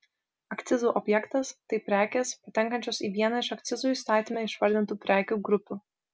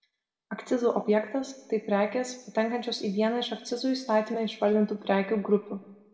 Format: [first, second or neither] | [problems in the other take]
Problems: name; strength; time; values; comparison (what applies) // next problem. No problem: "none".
first | room echo; dies away in 0.9 s